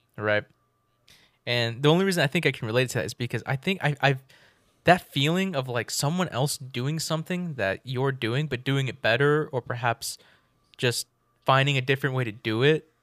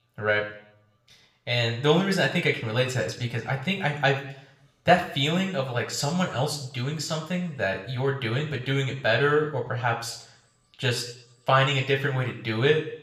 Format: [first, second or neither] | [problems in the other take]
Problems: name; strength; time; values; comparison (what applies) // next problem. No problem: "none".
first | room echo; slight; dies away in 0.6 s // off-mic speech; somewhat distant